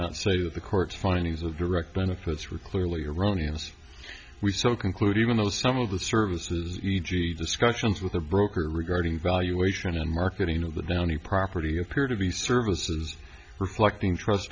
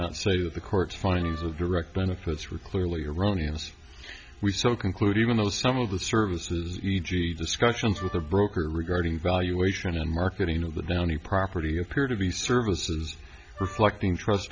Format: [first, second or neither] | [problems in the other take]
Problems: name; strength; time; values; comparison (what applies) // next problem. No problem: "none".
first | background sound (Wind instrument, woodwind instrument); 17 dB below the speech